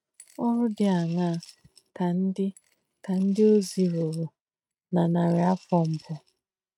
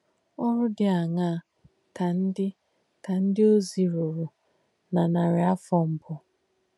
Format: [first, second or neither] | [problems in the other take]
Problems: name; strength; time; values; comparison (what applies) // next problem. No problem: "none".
second | noise reduction (neural mask model RNNoise)